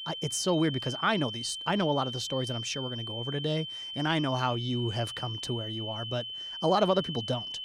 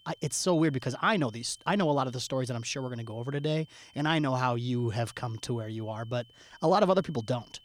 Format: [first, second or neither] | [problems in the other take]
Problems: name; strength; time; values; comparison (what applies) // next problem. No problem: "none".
second | high-pitched whine; loud; throughout; 3 kHz, 5 dB below the speech; faint in the second